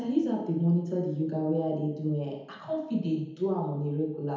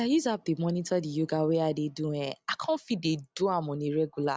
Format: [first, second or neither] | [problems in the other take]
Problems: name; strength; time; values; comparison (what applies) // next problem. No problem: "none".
second | room echo; dies away in 0.9 s